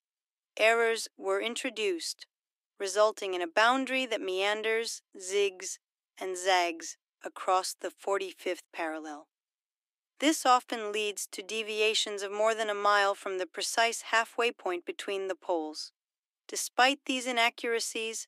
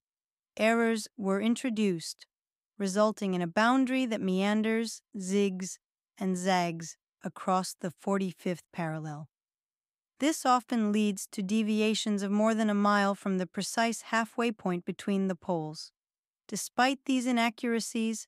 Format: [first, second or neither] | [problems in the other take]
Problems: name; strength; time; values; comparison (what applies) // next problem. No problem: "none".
second | thin; very; fading below 300 Hz